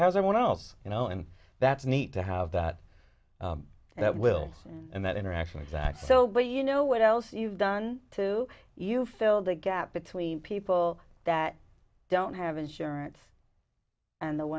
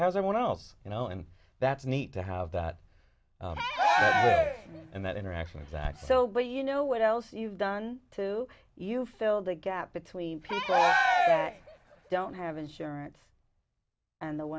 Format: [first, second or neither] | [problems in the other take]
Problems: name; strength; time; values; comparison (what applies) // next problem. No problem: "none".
first | background sound (Cheering); 4 dB above the speech